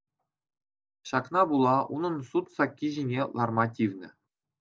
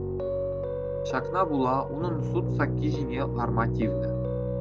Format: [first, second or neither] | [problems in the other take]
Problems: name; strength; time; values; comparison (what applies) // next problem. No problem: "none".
first | background sound (Piano); 2 dB above the speech